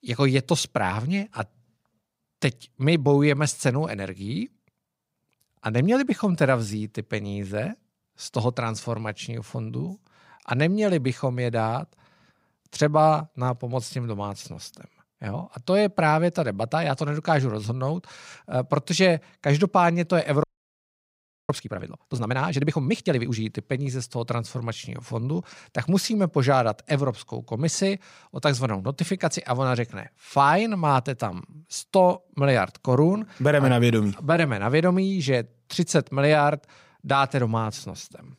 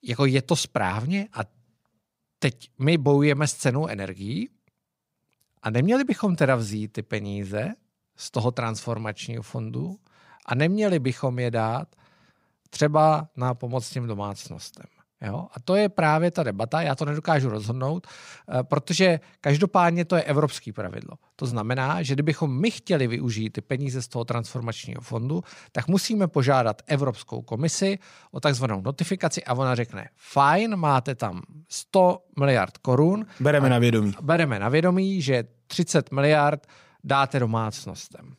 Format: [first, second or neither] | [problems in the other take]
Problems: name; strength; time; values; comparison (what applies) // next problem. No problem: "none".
second | audio freezing; at 20 s for 1 s